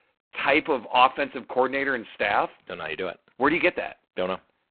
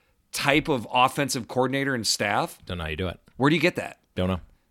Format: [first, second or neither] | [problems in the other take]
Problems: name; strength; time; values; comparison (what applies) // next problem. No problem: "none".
second | phone-call audio; poor line; nothing above 4 kHz